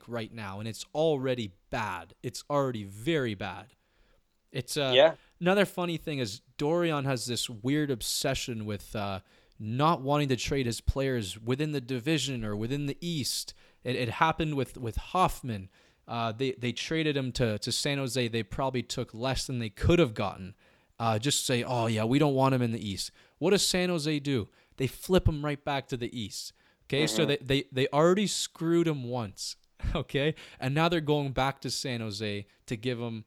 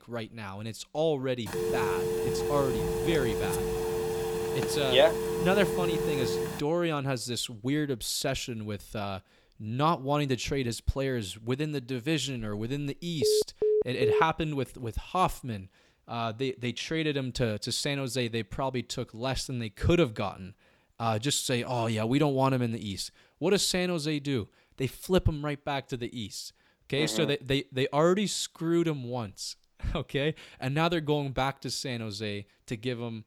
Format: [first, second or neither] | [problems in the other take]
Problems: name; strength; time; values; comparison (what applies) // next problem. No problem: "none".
first | phone ringing; loud; from 1.5 to 6.5 s and from 13 to 14 s; peak 3 dB above the speech